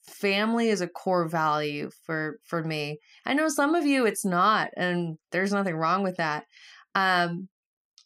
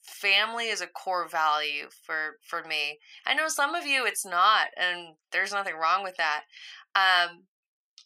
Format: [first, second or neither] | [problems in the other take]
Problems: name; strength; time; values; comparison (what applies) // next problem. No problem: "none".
first | thin; very; fading below 850 Hz